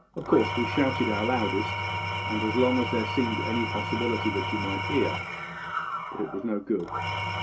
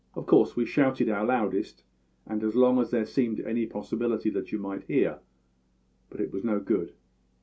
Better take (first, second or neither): second